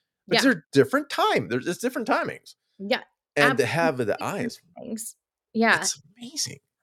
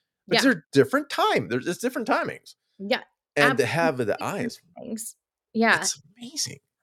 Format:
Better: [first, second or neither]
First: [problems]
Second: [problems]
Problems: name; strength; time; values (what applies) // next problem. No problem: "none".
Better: neither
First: none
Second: none